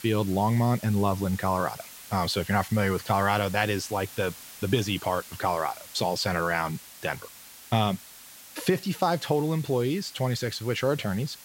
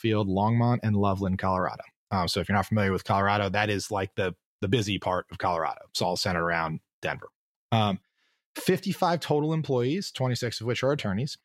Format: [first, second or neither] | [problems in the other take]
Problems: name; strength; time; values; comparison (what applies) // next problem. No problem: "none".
second | hiss; noticeable; throughout; 15 dB below the speech